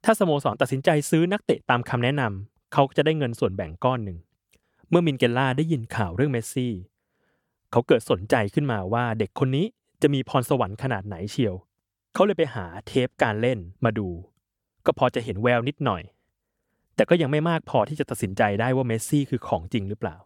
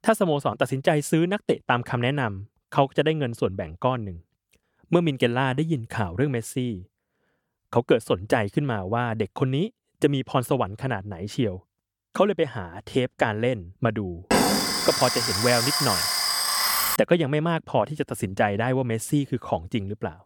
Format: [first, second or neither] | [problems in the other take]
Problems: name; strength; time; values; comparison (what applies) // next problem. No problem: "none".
first | alarm; loud; from 14 to 17 s; peak 5 dB above the speech